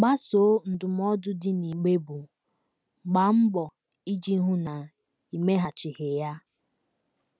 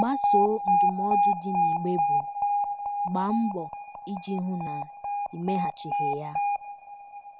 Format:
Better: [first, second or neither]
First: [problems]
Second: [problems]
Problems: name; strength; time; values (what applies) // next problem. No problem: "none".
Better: first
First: none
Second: background sound (Alarm); 5 dB above the speech